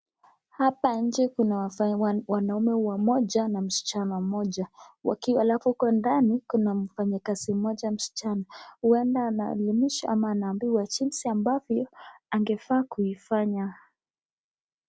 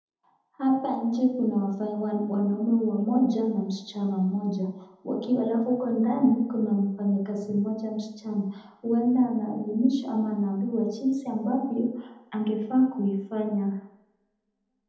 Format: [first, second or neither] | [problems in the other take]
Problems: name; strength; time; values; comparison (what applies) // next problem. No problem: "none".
first | room echo; dies away in 0.8 s